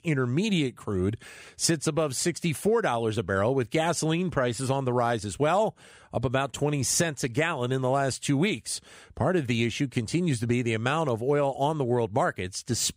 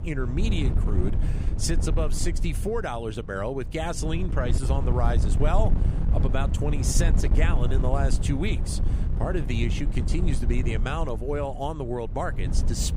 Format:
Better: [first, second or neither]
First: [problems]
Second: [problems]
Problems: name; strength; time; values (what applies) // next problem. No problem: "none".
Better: first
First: none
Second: wind noise on the microphone; heavy; 9 dB below the speech